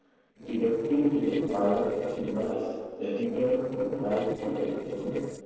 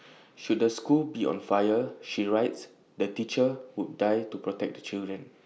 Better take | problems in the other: second | noise reduction (neural separator model SepFormer DNS4)

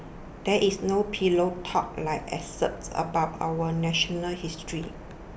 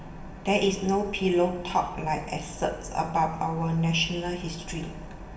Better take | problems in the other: first | room echo; dies away in 1.1 s

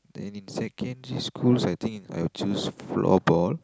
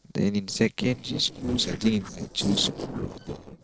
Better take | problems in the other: first | noise reduction (neural separator model SepFormer DNS4)

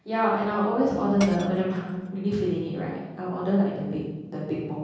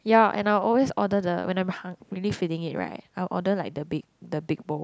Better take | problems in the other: second | background sound (Shatter / Crushing); 19 dB below the speech // room echo; dies away in 1.3 s

